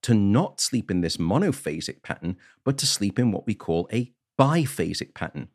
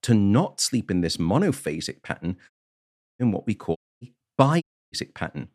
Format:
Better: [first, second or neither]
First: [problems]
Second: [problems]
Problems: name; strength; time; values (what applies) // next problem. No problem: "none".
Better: first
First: none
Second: audio cutting out; at 2.5 s for 0.5 s, at 4 s and at 4.5 s